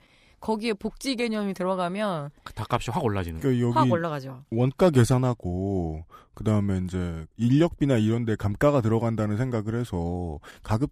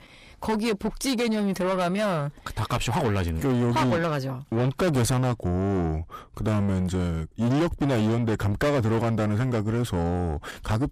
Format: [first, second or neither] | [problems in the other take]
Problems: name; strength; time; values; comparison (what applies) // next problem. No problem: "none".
first | distortion; heavy; 6 dB below the speech